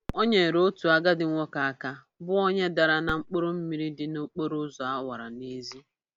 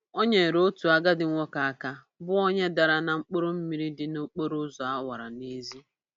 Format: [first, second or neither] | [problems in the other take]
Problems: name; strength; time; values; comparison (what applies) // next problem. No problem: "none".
second | background sound (Fireworks); 20 dB below the speech